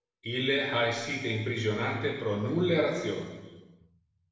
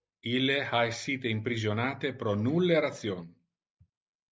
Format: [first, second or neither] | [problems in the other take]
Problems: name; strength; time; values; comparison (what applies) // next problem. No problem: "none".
second | room echo; dies away in 1.3 s